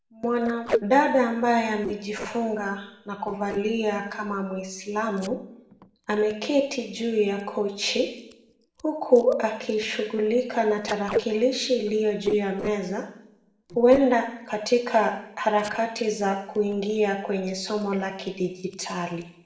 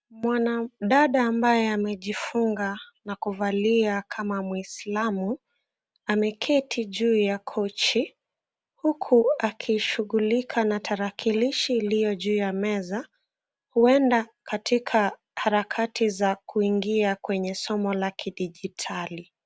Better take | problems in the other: second | noise reduction (neural separator model SepFormer DNS4)

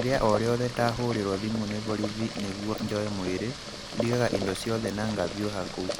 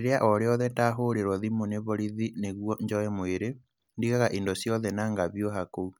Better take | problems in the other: second | background sound (Boiling); 6 dB below the speech

